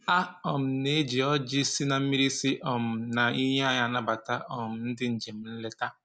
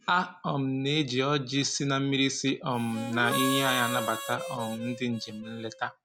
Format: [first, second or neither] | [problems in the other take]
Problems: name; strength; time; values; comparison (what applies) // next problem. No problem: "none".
first | background sound (Harmonica); 6 dB below the speech